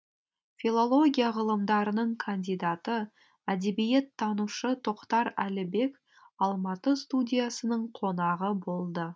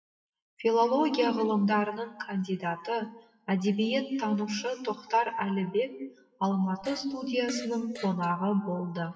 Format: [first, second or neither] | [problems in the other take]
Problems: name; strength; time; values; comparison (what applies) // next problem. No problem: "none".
first | noise reduction (classical method WPE with log-MMSE)